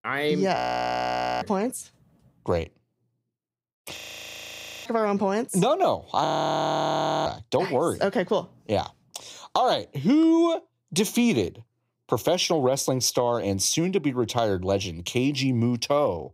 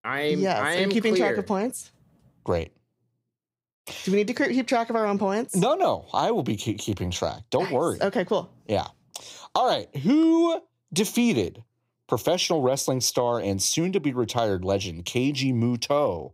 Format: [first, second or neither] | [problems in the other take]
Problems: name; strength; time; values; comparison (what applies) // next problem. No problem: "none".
second | audio freezing; at 0.5 s for 1 s, at 4 s for 1 s and at 6.5 s for 1 s